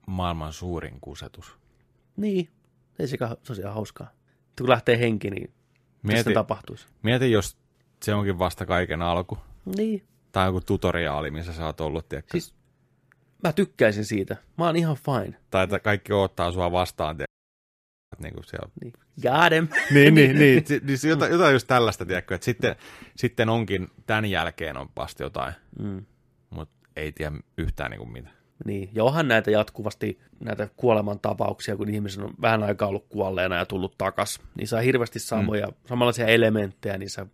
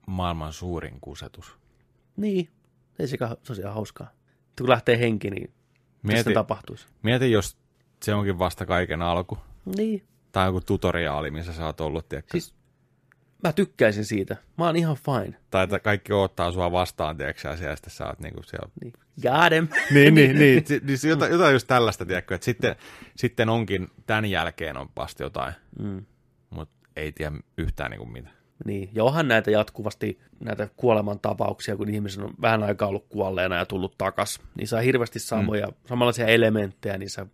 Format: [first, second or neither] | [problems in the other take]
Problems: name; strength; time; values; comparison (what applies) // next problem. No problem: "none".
second | audio cutting out; at 17 s for 1 s